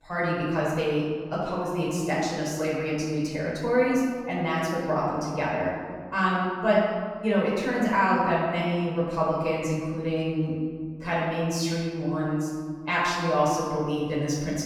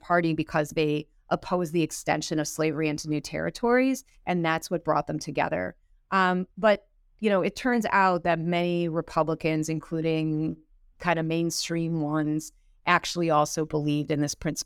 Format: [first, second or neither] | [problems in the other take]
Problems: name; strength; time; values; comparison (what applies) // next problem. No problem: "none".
second | room echo; noticeable; dies away in 1.6 s // off-mic speech; far